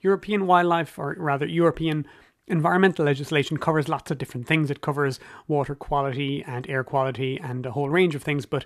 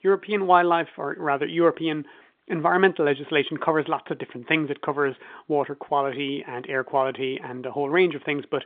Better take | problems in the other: first | phone-call audio; nothing above 3.5 kHz

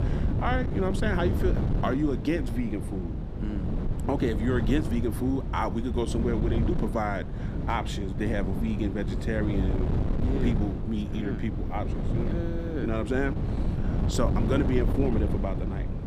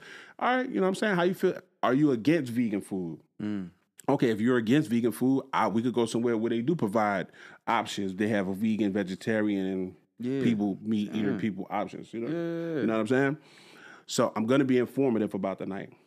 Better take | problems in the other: second | wind noise on the microphone; heavy; 6 dB below the speech

